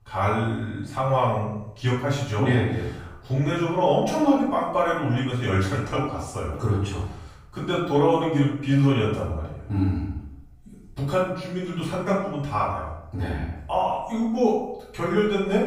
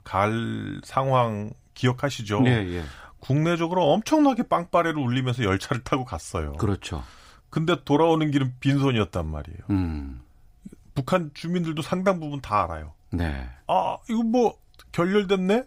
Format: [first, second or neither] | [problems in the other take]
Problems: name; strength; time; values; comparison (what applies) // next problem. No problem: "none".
second | room echo; noticeable; dies away in 0.7 s // off-mic speech; far